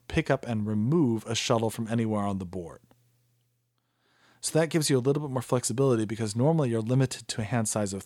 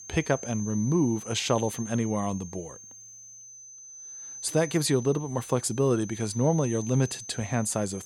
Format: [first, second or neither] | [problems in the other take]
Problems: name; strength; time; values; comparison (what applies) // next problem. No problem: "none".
first | high-pitched whine; noticeable; throughout; 6.5 kHz, 15 dB below the speech